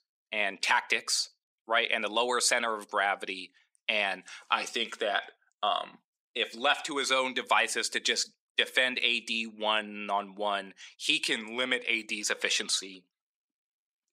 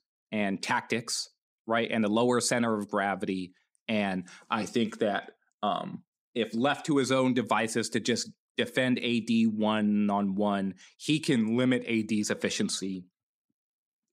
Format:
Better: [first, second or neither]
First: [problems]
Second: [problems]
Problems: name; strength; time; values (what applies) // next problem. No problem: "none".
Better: second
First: thin; very; fading below 650 Hz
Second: none